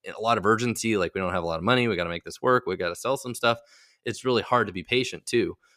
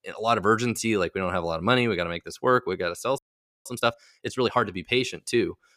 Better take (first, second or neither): first